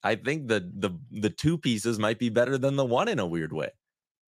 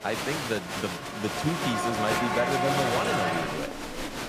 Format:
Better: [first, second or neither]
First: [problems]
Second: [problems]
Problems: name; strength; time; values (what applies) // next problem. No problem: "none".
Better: first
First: none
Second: crowd noise; very loud; throughout; 2 dB above the speech